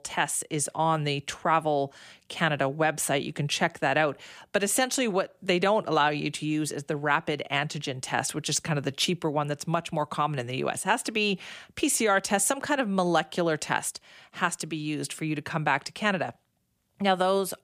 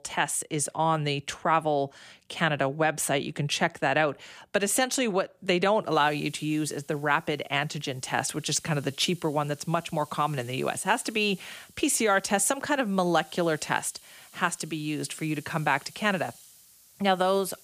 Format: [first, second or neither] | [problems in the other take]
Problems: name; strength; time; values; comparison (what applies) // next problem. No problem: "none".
first | hiss; faint; from 6 s on; 25 dB below the speech